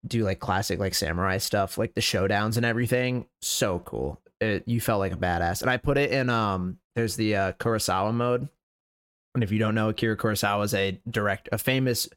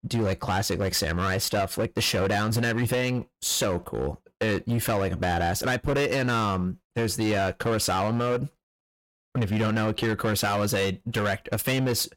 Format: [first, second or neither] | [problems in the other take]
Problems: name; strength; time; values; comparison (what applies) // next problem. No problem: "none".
first | distortion; slight; 16% of the sound clipped